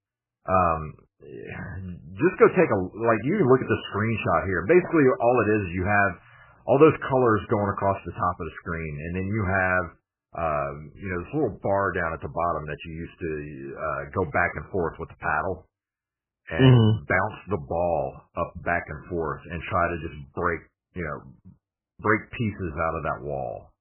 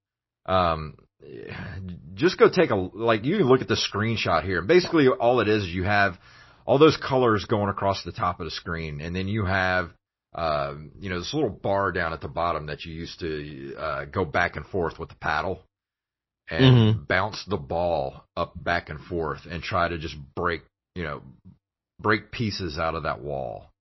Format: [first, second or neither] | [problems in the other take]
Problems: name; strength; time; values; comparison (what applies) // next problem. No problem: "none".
second | garbled, watery; badly; nothing above 3 kHz; slightly in the second